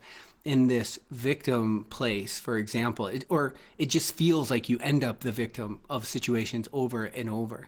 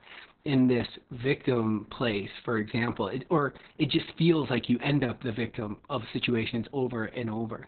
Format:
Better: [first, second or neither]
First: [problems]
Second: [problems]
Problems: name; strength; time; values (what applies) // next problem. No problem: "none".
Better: first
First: garbled, watery; slightly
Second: garbled, watery; badly; nothing above 4 kHz